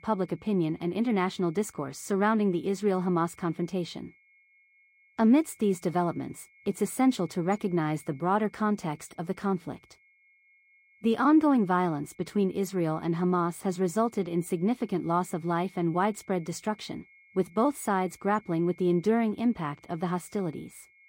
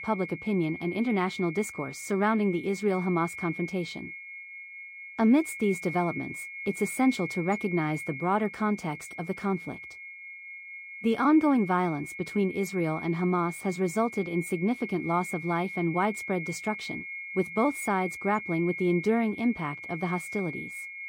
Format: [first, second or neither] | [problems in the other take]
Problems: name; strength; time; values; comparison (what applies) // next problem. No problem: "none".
first | high-pitched whine; loud; throughout; 2 kHz, 10 dB below the speech; faint in the first